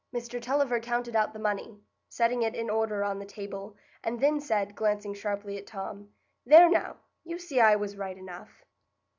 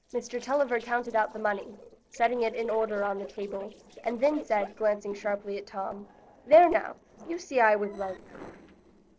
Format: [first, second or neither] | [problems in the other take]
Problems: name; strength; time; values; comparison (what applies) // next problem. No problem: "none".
first | noise reduction (neural separator model SepFormer DNS4)